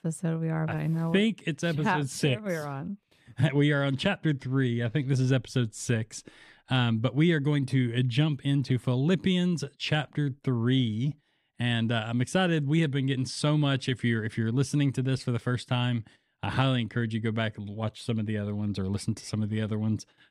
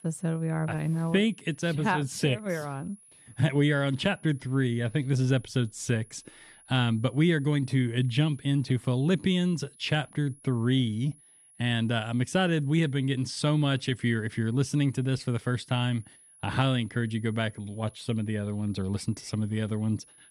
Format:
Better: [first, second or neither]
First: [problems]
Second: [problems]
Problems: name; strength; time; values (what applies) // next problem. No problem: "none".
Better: first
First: none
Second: high-pitched whine; faint; throughout; 10.5 kHz, 25 dB below the speech